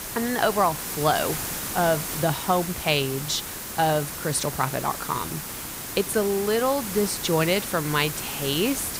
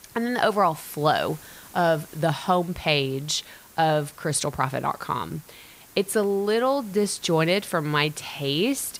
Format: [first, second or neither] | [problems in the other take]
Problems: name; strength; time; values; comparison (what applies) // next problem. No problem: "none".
second | hiss; loud; throughout; 6 dB below the speech; faint in the second